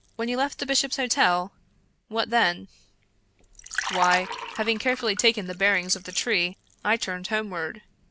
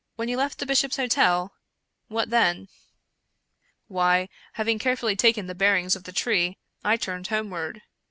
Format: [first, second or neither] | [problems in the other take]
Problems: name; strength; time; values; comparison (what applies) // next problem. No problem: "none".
second | background sound (Liquid); 12 dB below the speech